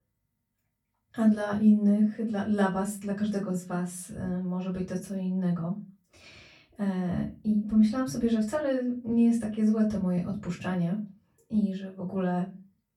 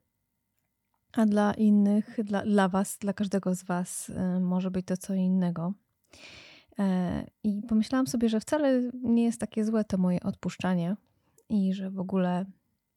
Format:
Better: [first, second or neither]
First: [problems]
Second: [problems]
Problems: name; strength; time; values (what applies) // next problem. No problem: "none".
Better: second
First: off-mic speech; far // room echo; very slight; dies away in 0.3 s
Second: none